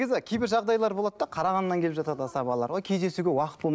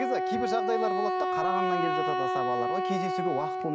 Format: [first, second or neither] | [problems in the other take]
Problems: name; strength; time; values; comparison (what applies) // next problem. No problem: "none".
first | background sound (Wind instrument, woodwind instrument); 3 dB above the speech